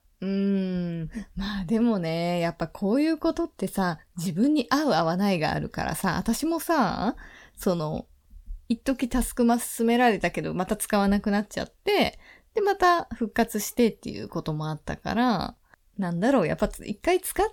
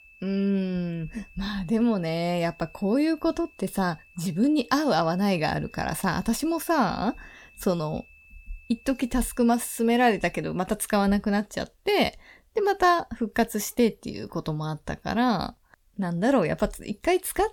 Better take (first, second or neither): first